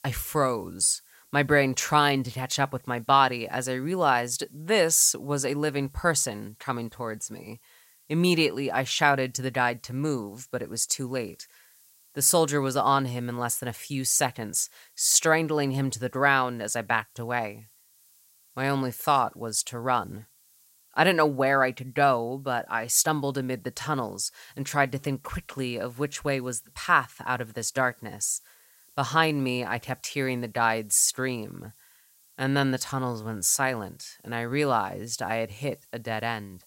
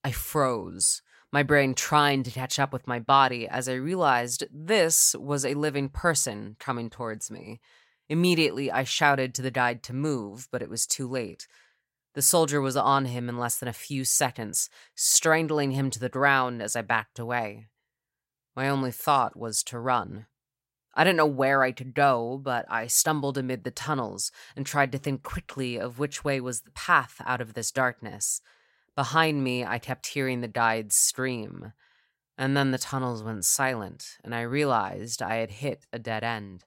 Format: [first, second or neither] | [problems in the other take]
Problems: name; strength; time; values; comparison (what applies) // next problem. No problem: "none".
second | hiss; faint; throughout; 30 dB below the speech